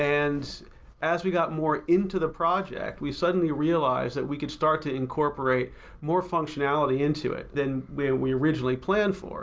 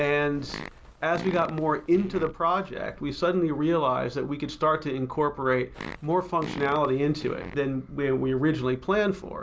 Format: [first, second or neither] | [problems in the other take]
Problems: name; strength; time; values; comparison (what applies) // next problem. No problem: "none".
first | background sound (Fart); 14 dB below the speech